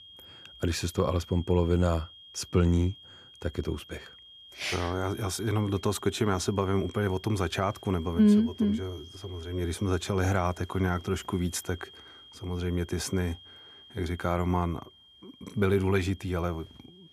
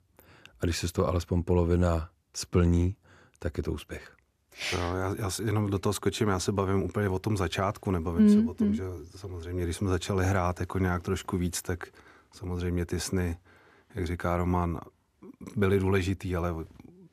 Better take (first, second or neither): second